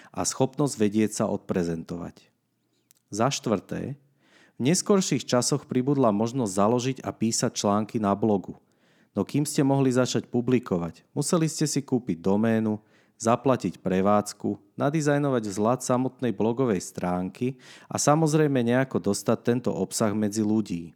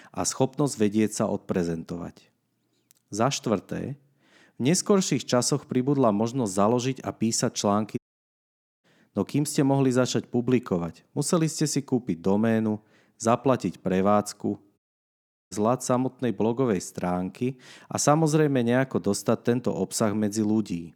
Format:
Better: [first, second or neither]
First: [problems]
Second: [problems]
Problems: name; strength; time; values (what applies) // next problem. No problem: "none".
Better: first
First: none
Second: audio cutting out; at 8 s for 1 s and at 15 s for 0.5 s